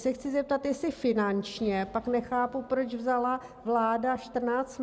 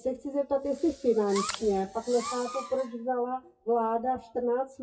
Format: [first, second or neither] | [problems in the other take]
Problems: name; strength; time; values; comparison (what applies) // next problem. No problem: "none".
first | noise reduction (classical method WPE with log-MMSE)